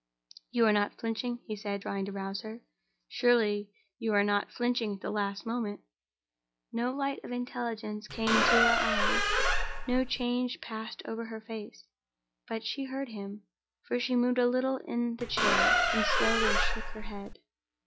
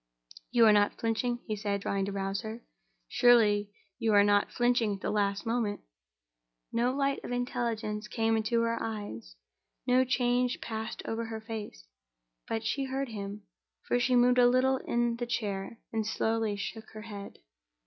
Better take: second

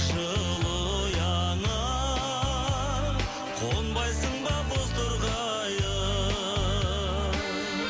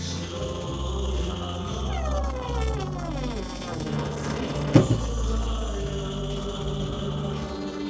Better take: first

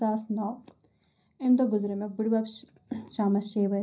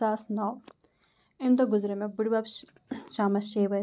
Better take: second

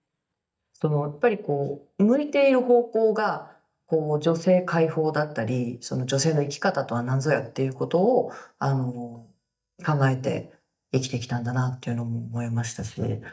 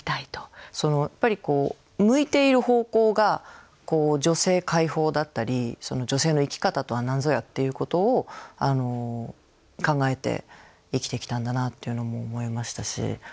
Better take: second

